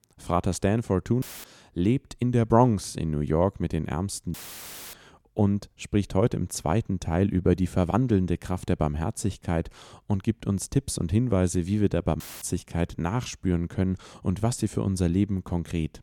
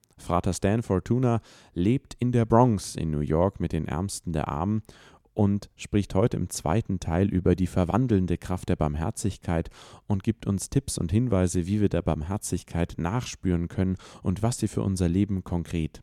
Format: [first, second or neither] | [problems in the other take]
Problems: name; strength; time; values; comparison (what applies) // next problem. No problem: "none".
second | audio cutting out; filled with static; at 1 s, at 4.5 s for 0.5 s and at 12 s